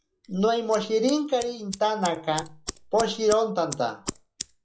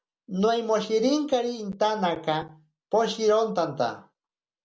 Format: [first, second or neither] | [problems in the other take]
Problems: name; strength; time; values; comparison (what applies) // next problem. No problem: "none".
second | noise reduction (classical method log-MMSE)